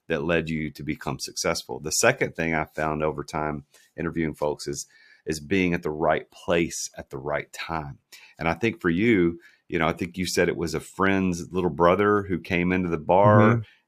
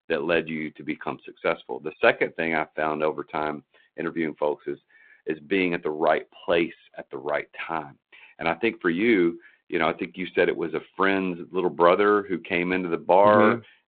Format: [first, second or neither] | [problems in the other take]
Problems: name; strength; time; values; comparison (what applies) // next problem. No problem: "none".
first | phone-call audio; nothing above 4 kHz